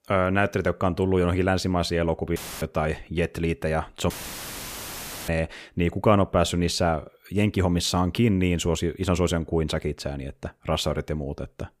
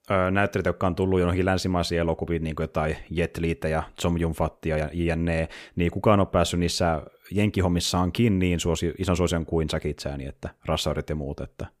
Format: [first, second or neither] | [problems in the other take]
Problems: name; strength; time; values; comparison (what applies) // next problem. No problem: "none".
second | audio cutting out; filled with static; at 2.5 s and at 4 s for 1 s